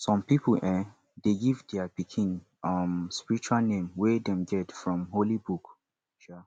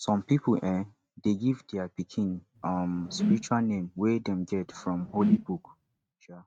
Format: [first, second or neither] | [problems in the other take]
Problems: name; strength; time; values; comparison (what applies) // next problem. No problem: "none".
first | noise reduction (neural mask model RNNoise)